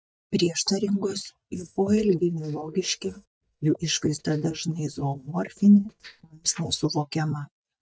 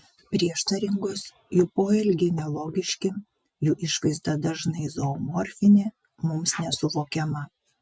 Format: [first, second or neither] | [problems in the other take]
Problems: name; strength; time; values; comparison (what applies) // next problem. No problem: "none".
second | noise reduction (neural mask model DeepFilterNet 3)